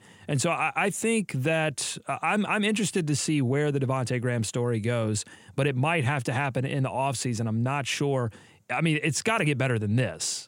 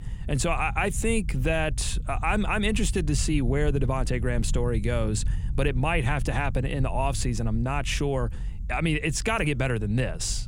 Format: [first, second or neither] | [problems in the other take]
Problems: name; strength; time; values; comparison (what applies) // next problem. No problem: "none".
first | low rumble; faint; throughout; 20 dB below the speech